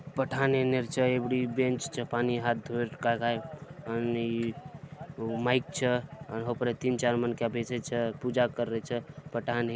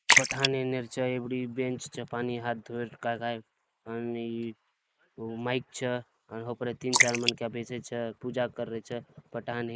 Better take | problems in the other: first | noise reduction (neural mask model Resemble Enhance denoiser)

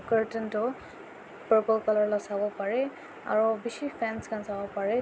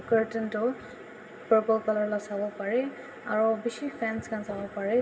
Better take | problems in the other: first | background sound (Walk, footsteps); 15 dB below the speech // room echo; dies away in 1.9 s

